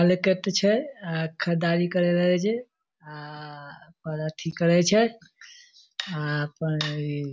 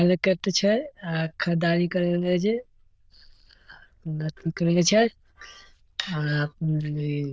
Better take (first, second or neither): first